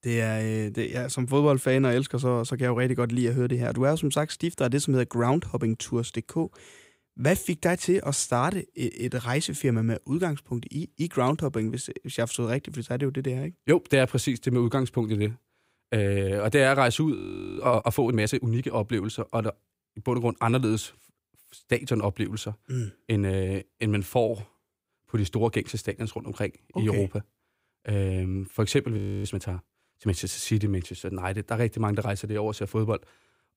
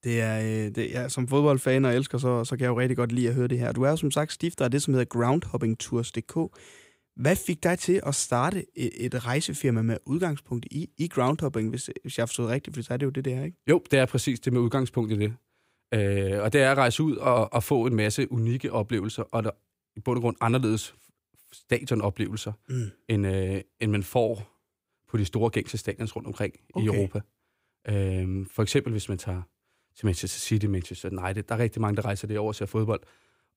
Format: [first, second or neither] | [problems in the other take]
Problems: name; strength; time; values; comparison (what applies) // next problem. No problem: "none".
second | audio freezing; at 17 s and at 29 s